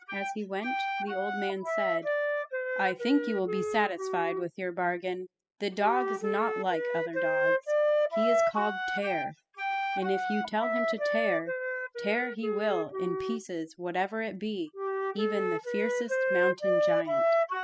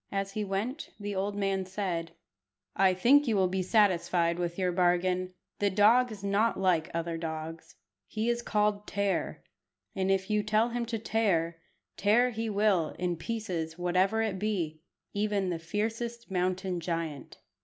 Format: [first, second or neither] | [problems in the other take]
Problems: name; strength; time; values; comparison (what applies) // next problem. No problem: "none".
second | noise reduction (classical method spectral subtraction)